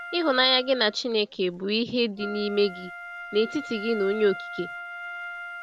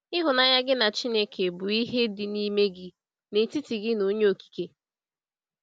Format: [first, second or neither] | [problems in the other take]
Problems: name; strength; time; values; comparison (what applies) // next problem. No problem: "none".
second | background sound (Wind instrument, woodwind instrument); 12 dB below the speech